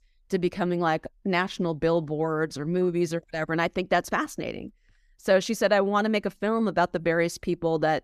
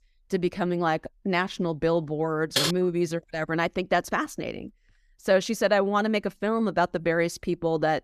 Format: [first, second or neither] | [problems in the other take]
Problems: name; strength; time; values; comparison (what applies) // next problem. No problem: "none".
first | keyboard typing; loud; at 2.5 s; peak 1 dB above the speech